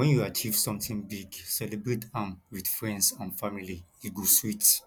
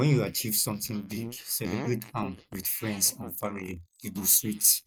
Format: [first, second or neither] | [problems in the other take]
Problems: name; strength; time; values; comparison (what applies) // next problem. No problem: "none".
first | noise reduction (neural mask model Resemble Enhance denoiser)